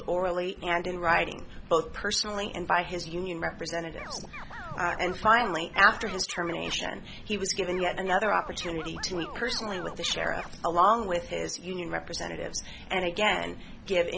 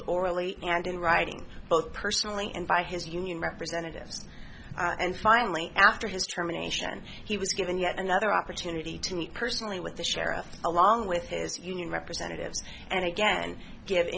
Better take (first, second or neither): second